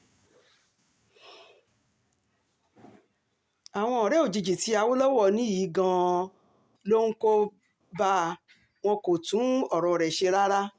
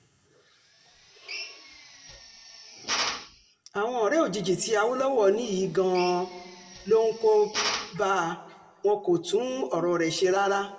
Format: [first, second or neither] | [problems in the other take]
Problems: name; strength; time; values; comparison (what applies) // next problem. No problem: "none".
first | background sound (Drill); 10 dB below the speech // room echo; dies away in 1 s